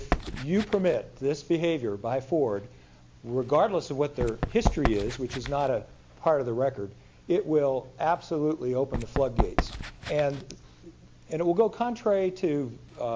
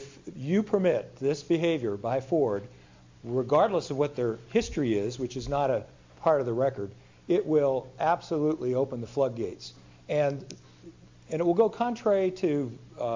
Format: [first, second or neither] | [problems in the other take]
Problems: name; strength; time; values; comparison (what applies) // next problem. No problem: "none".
second | background sound (Run); 8 dB below the speech